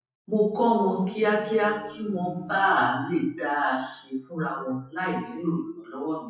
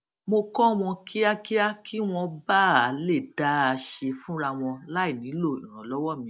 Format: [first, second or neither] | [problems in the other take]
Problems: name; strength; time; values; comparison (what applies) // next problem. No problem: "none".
second | noise reduction (classical method WPE with log-MMSE)